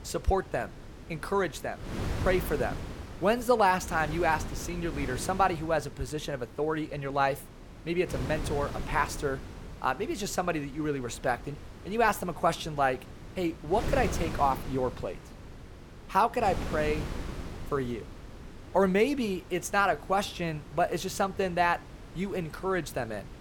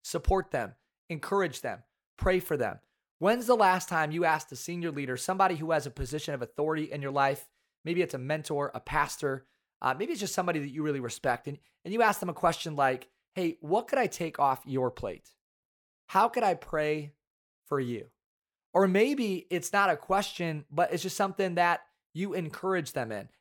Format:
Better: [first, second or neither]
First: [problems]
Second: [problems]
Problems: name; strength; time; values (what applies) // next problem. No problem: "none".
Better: second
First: wind noise on the microphone; occasional gusts; 15 dB below the speech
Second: none